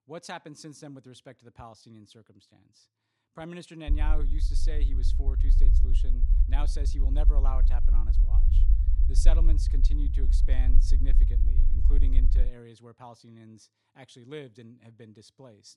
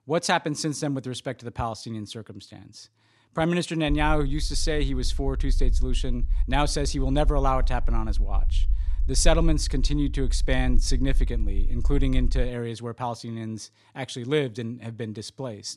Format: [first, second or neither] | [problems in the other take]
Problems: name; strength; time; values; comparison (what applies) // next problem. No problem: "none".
second | low rumble; loud; from 4 to 12 s; 5 dB below the speech; faint in the second